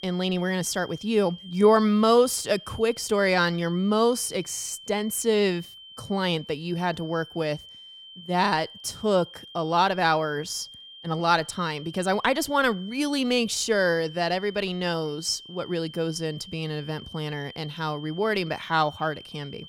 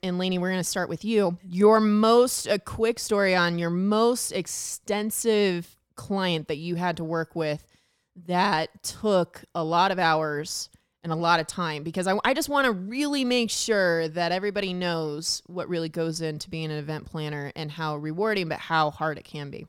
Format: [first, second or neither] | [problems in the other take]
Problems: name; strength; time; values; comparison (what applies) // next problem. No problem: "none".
second | high-pitched whine; noticeable; throughout; 3 kHz, 15 dB below the speech